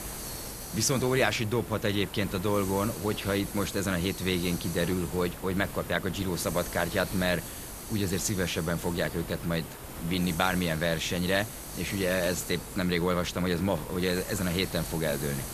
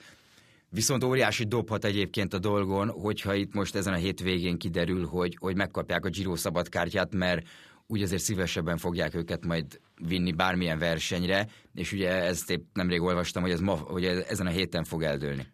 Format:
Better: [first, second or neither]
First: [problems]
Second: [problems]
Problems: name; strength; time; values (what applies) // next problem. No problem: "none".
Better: second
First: hiss; loud; throughout; 9 dB below the speech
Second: none